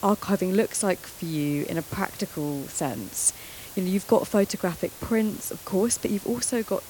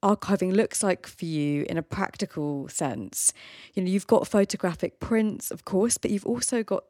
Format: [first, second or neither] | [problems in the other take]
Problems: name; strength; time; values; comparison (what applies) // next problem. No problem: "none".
second | hiss; noticeable; throughout; 15 dB below the speech